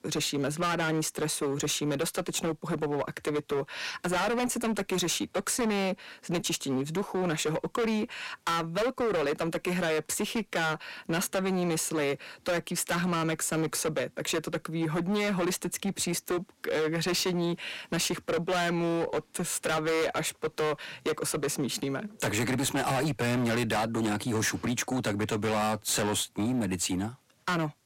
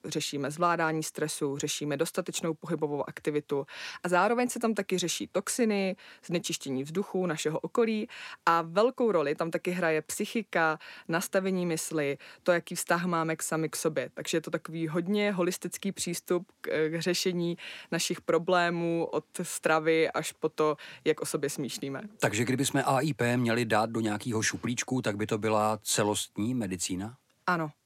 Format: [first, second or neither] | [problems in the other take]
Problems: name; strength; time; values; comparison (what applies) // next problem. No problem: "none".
second | distortion; heavy; 21% of the sound clipped